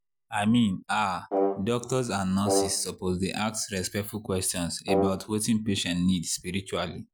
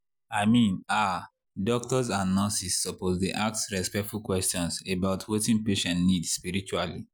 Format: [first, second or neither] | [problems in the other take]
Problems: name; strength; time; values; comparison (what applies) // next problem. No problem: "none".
second | background sound (Brass instrument); 3 dB below the speech